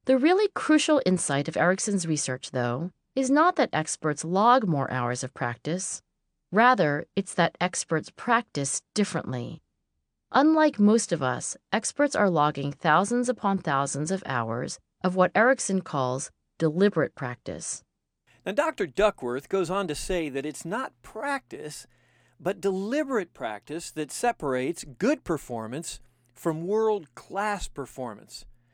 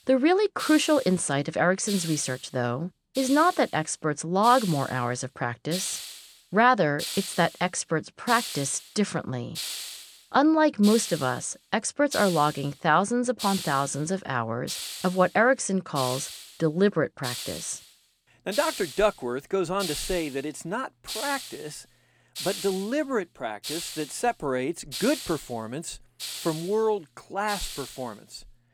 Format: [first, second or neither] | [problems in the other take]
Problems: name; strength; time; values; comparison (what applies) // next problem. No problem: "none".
first | hiss; loud; throughout; 9 dB below the speech